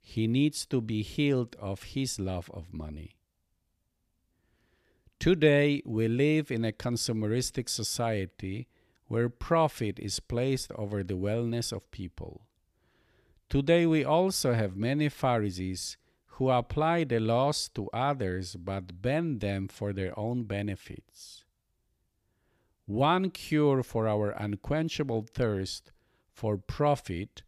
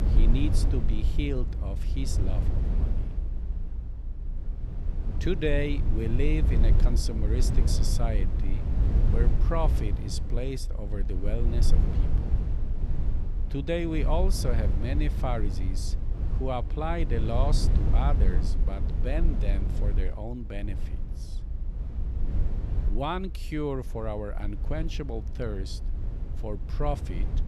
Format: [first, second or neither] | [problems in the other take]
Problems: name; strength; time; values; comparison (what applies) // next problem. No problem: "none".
first | low rumble; loud; throughout; 9 dB below the speech